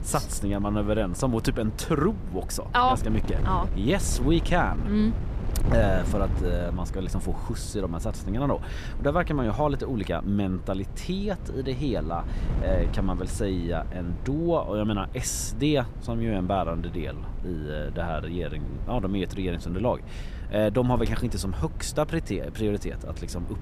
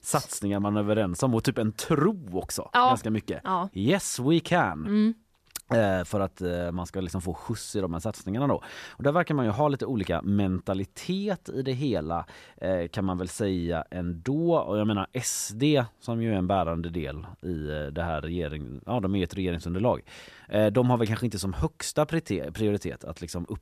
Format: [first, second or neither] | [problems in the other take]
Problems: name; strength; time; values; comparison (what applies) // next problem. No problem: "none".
second | wind noise on the microphone; occasional gusts; 15 dB below the speech